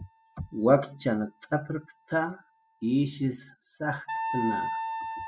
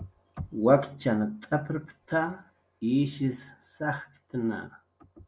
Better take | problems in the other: second | noise reduction (classical method spectral subtraction)

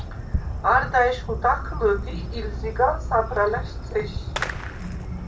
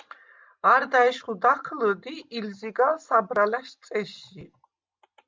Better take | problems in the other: second | background sound (Fireworks); 5 dB below the speech // room echo; dies away in 0.3 s

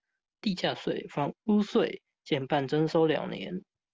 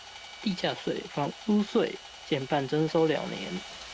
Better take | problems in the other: first | background sound (Sawing); 15 dB below the speech

